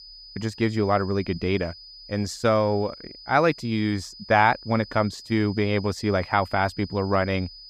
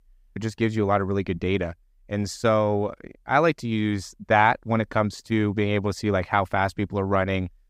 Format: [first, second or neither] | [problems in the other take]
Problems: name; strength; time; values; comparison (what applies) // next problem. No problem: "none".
second | high-pitched whine; noticeable; throughout; 5 kHz, 20 dB below the speech